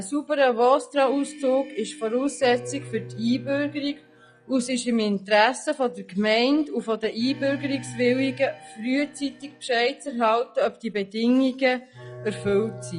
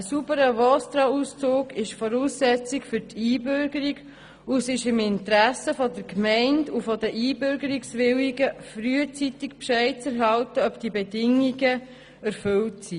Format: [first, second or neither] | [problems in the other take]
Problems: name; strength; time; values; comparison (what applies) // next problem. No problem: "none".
second | noise reduction (classical method log-MMSE)